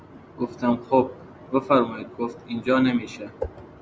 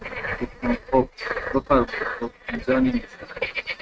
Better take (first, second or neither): first